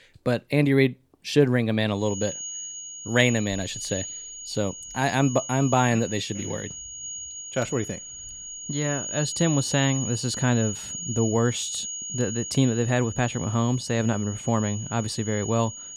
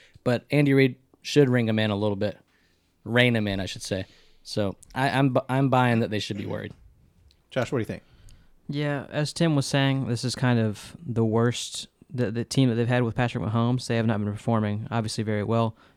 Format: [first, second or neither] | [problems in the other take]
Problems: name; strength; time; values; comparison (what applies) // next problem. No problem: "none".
second | high-pitched whine; loud; from 2 s on; 6.5 kHz, 8 dB below the speech